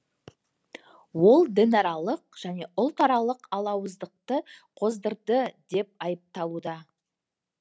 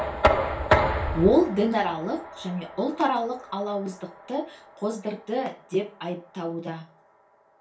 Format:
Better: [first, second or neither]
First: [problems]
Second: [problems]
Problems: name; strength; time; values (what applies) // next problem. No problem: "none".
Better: first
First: none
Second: background sound (Knock); 2 dB below the speech // room echo; dies away in 0.3 s